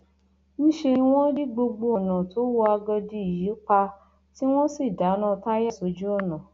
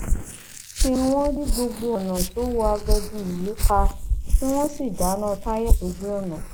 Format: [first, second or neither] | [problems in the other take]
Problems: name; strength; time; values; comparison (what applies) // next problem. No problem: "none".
first | noise reduction (neural mask model Resemble Enhance denoiser)